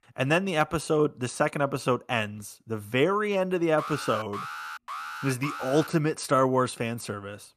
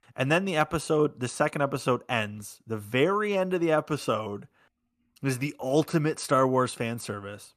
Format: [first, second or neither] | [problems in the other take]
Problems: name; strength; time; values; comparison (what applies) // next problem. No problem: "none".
second | alarm; noticeable; from 4 to 6 s; peak 9 dB below the speech